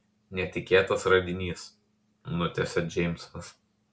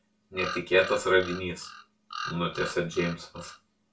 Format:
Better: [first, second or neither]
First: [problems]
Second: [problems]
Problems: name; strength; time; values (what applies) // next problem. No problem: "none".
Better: first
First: none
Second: background sound (Bird vocalization, bird call, bird song); 11 dB below the speech // room echo; dies away in 0.2 s